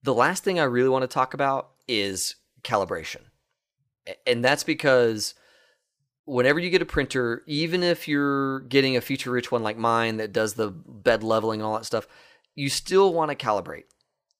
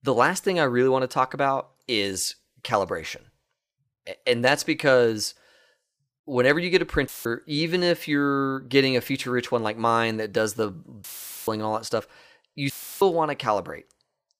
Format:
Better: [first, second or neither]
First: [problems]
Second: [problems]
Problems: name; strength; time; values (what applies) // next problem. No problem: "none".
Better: first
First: none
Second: audio cutting out; filled with static; at 7 s, at 11 s and at 13 s